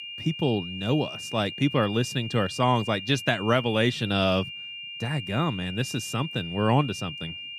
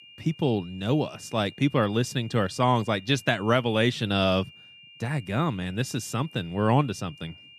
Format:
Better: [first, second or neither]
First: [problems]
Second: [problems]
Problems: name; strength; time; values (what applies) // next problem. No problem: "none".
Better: second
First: high-pitched whine; loud; throughout; 3 kHz, 9 dB below the speech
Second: high-pitched whine; faint; throughout; 3 kHz, 20 dB below the speech